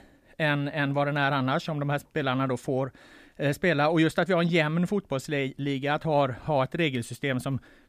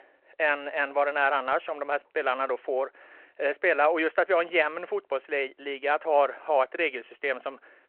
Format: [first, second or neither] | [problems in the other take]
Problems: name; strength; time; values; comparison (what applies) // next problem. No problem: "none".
first | phone-call audio